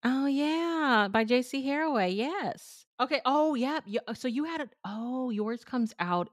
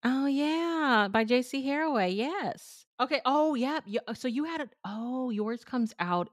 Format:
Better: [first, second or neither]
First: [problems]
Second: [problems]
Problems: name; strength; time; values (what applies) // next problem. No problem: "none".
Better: neither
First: none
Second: none